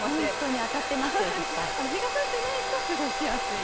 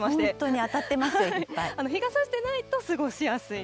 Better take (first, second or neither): second